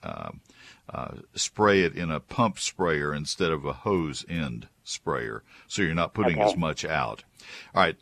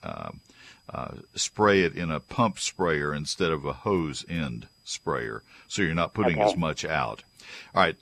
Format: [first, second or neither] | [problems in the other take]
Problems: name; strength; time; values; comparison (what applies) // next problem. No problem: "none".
first | high-pitched whine; faint; throughout; 5 kHz, 35 dB below the speech